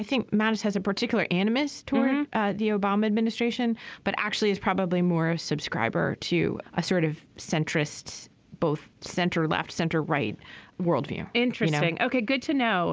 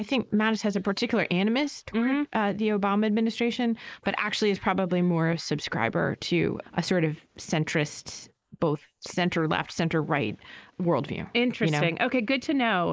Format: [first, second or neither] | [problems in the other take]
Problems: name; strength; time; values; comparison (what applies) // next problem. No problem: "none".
first | noise reduction (neural mask model Resemble Enhance denoiser)